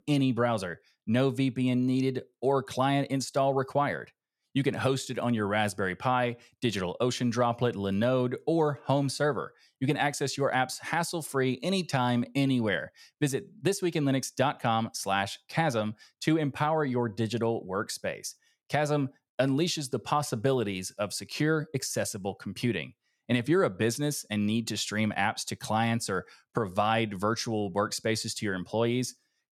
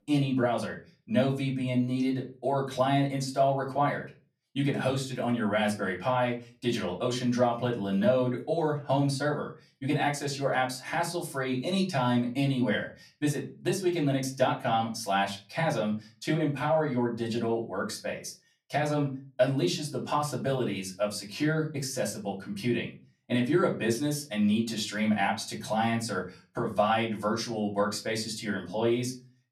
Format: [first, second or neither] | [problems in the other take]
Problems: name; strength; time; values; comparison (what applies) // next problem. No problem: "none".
first | off-mic speech; far // room echo; very slight; dies away in 0.3 s